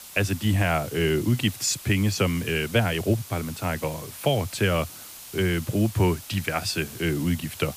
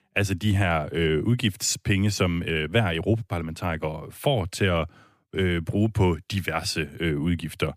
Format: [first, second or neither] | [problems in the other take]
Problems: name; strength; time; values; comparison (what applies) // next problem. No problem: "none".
second | hiss; noticeable; throughout; 15 dB below the speech